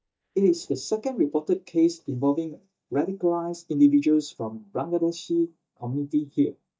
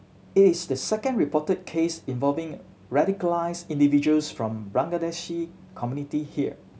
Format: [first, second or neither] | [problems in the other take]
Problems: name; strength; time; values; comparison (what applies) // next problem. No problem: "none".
second | noise reduction (neural mask model DeepFilterNet 3)